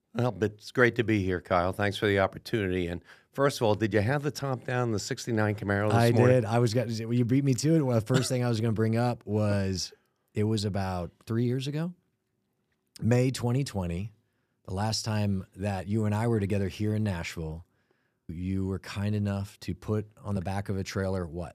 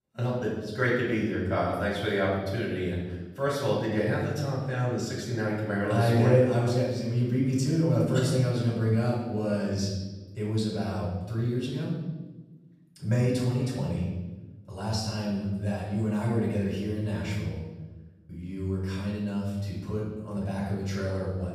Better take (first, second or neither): first